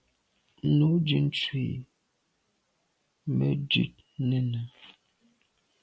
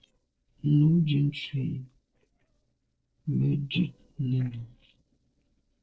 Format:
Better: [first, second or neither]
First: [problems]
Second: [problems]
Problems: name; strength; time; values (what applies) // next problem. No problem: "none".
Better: first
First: none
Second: noise reduction (neural separator model SepFormer DNS4)